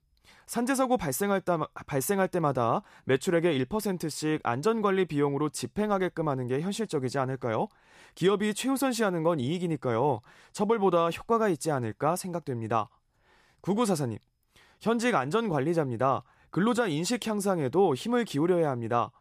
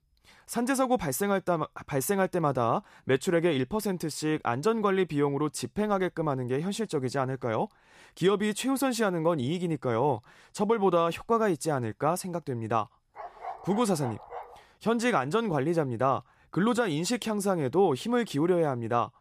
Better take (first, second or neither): first